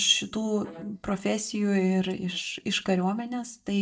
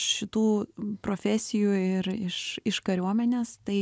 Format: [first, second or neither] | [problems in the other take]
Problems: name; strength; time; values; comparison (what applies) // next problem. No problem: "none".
second | noise reduction (neural mask model DeepFilterNet 3)